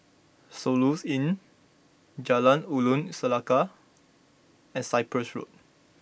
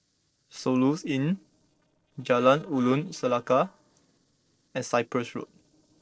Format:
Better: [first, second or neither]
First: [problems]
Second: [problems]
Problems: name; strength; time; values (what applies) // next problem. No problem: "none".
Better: first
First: none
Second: noise reduction (neural separator model SepFormer DNS4)